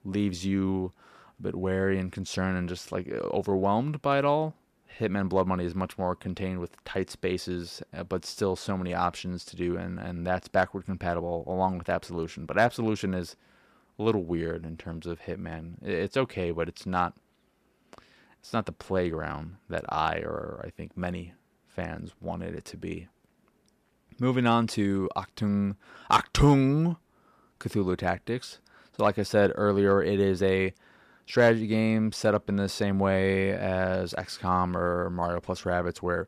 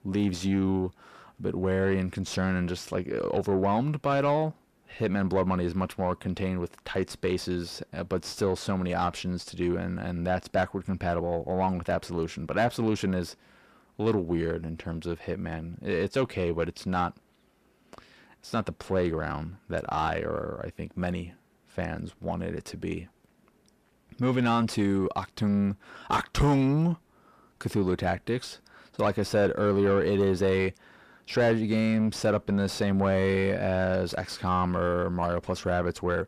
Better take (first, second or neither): first